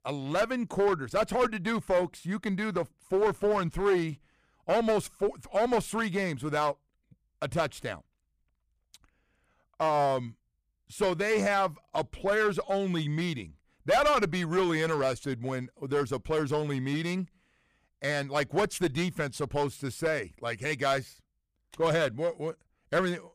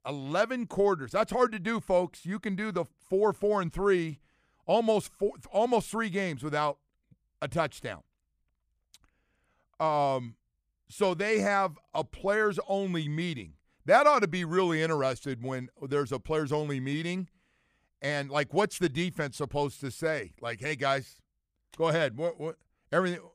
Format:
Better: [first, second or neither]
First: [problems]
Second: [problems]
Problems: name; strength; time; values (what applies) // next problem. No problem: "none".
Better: second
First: distortion; slight; 6% of the sound clipped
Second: none